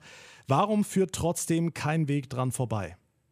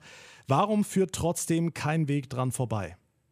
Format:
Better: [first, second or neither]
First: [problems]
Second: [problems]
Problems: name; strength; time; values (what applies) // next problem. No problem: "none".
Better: neither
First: none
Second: none